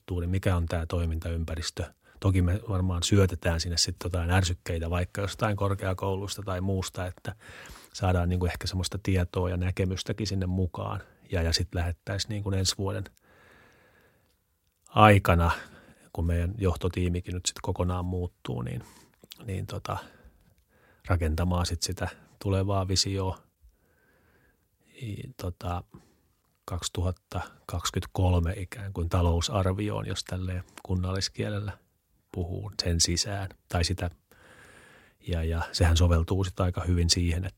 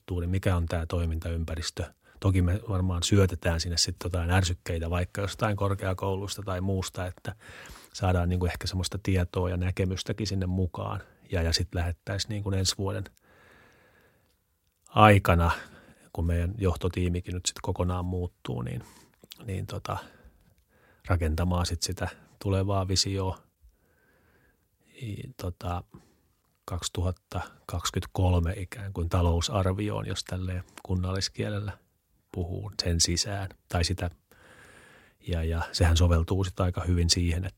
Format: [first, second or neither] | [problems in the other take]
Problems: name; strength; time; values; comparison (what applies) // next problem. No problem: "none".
neither | none